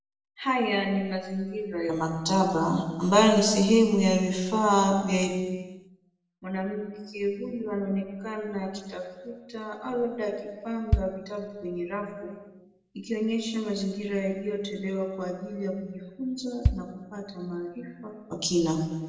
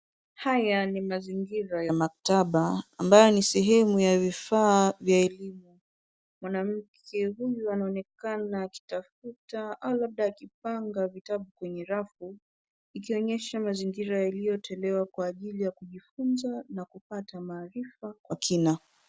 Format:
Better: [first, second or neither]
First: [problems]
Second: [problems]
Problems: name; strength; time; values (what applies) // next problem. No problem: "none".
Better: second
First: background sound (Bass drum); 6 dB below the speech // room echo; dies away in 1.1 s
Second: none